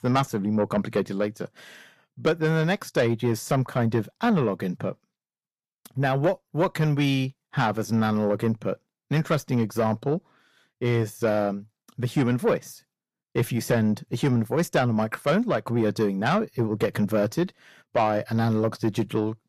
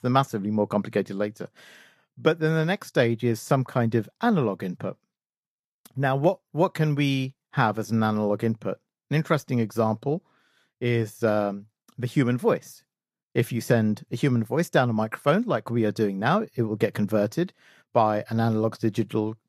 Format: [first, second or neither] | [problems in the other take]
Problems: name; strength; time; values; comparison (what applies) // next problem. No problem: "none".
second | distortion; slight; 10 dB below the speech